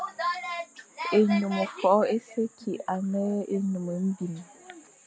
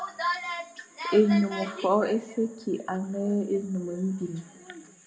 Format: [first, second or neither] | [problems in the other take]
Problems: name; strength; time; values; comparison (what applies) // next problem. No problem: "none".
first | room echo; dies away in 0.7 s